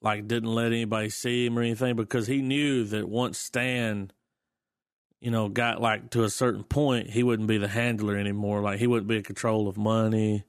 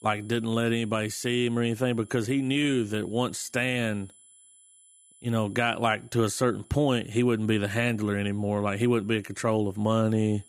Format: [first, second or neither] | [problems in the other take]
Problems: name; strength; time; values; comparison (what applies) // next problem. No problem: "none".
first | high-pitched whine; faint; throughout; 10 kHz, 25 dB below the speech